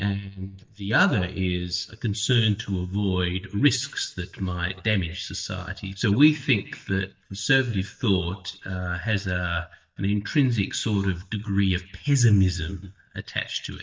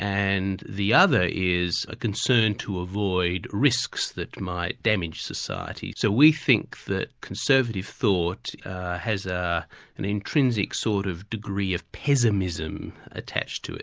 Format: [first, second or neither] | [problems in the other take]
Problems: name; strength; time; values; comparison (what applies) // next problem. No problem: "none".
second | noise reduction (neural mask model DeepFilterNet 3)